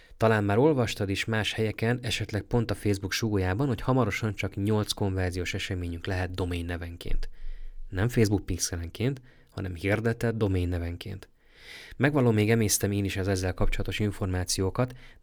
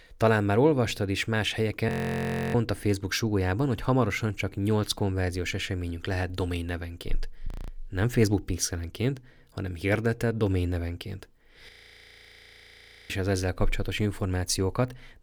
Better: first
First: none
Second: audio freezing; at 2 s for 0.5 s, at 7.5 s and at 12 s for 1.5 s

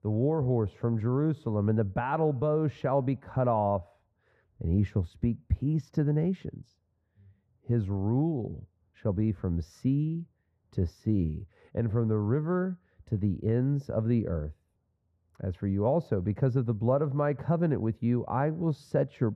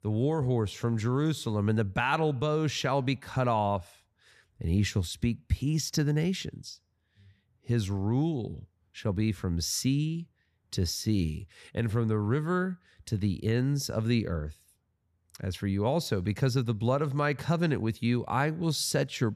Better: second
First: muffled; very; fading above 2 kHz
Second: none

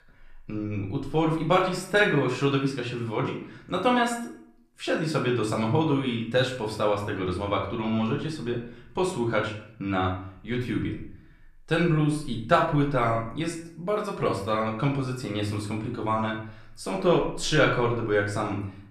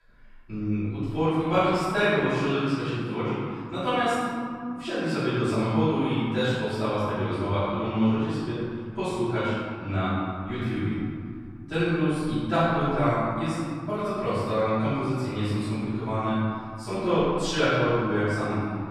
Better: first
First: room echo; slight; dies away in 0.5 s // off-mic speech; far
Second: room echo; strong; dies away in 2.7 s // off-mic speech; far

